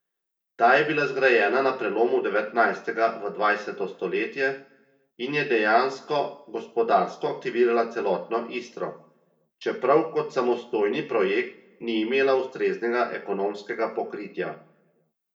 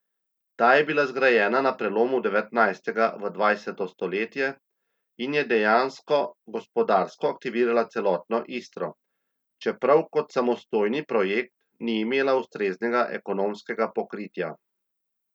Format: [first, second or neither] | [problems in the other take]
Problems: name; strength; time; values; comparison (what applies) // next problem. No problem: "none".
second | room echo; dies away in 0.4 s